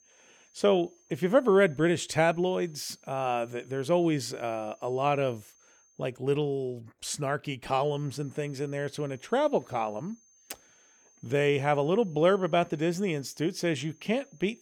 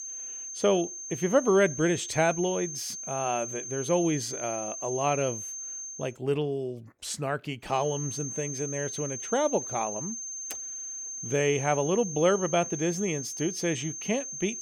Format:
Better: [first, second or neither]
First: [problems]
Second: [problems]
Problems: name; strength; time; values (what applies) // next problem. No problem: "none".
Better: first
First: high-pitched whine; faint; until 6 s and from 8 s on; 6.5 kHz, 30 dB below the speech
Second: high-pitched whine; loud; until 6 s and from 8 s on; 6.5 kHz, 6 dB below the speech